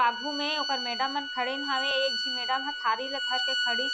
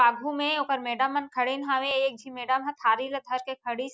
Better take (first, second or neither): second